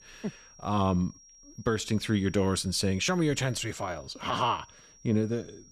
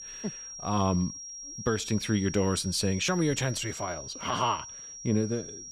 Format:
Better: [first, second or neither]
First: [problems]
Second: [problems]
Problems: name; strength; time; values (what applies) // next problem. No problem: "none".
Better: first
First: high-pitched whine; faint; throughout; 5.5 kHz, 25 dB below the speech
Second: high-pitched whine; loud; throughout; 5.5 kHz, 10 dB below the speech